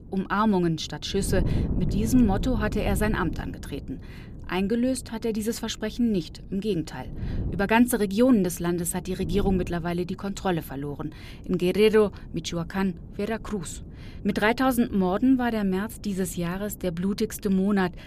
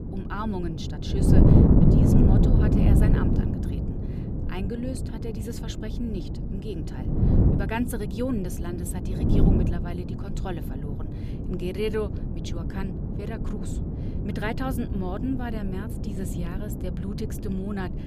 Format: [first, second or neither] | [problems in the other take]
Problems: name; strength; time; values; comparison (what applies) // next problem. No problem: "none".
first | wind noise on the microphone; heavy; 2 dB above the speech; occasional gusts in the first